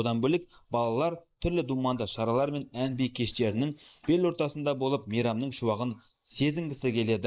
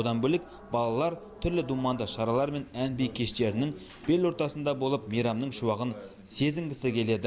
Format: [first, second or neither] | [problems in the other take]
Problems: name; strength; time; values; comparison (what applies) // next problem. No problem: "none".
second | noise reduction (neural mask model Resemble Enhance denoiser)